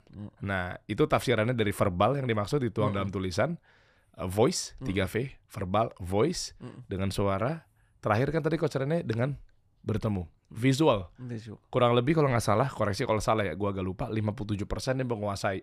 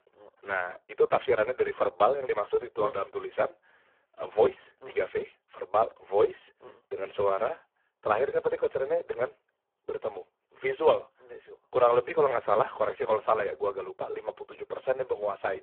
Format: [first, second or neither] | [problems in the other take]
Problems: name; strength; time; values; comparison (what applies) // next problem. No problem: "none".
first | phone-call audio; poor line